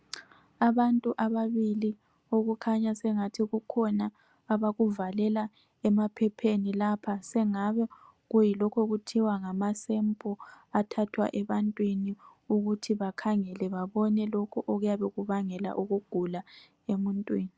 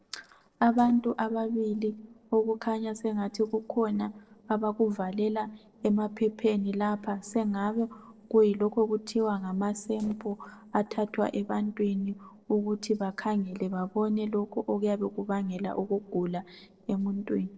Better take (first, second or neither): first